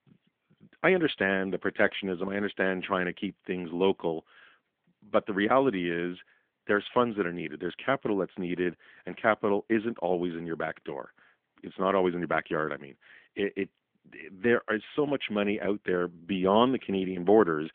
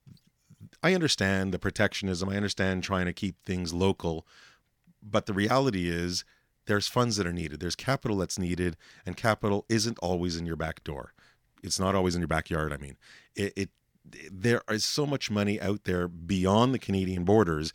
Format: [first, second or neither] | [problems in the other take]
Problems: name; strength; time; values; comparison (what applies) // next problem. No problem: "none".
second | phone-call audio; nothing above 3.5 kHz